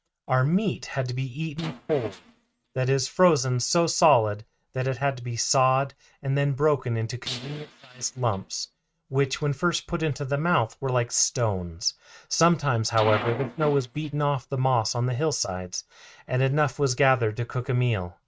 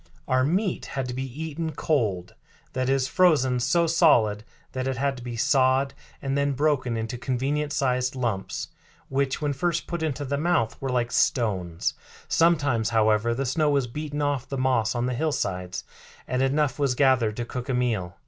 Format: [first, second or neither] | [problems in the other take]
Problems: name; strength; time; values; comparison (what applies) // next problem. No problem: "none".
second | noise reduction (neural mask model RNNoise)